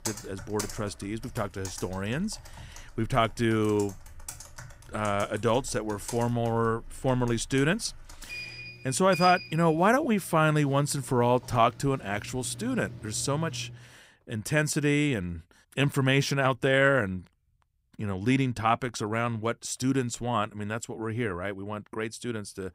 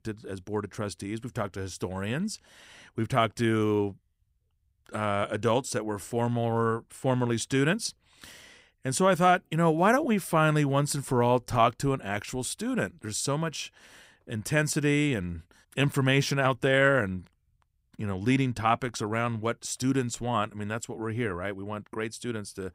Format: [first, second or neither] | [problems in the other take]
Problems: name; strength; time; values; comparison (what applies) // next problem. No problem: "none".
second | household noises; noticeable; until 14 s; 15 dB below the speech